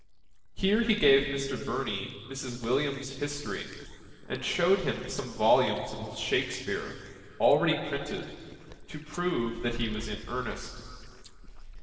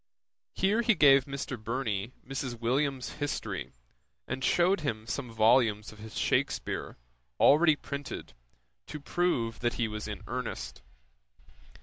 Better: second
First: noise reduction (neural separator model SepFormer DNS4)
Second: none

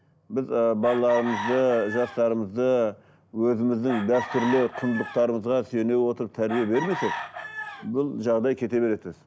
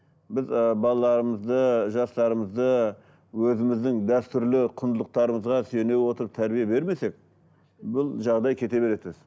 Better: second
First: background sound (Chicken, rooster); 11 dB below the speech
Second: none

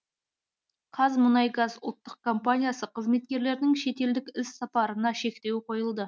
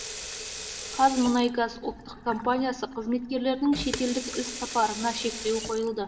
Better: first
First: none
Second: background sound (Sink (filling or washing) / Water tap, faucet); 10 dB below the speech // room echo; dies away in 2.4 s

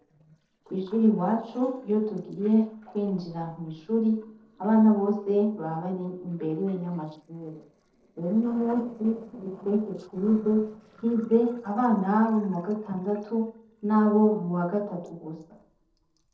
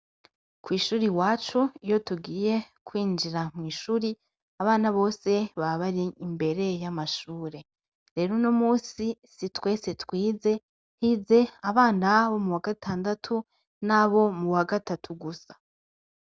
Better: second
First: noise reduction (neural separator model SepFormer DNS4)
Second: none

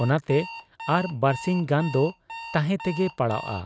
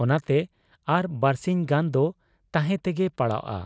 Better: second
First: background sound (Alarm); 14 dB below the speech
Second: none

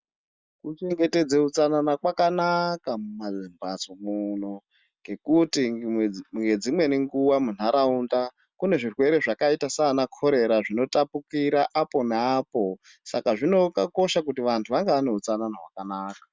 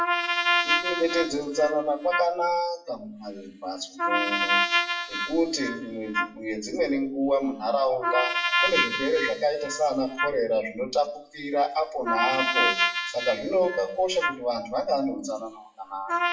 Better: first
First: none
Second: noise reduction (classical method WPE with log-MMSE)

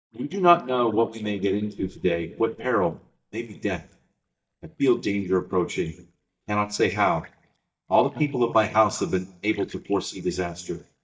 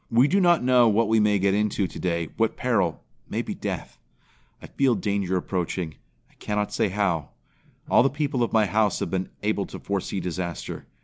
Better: second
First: noise reduction (neural mask model DeepFilterNet 3)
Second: none

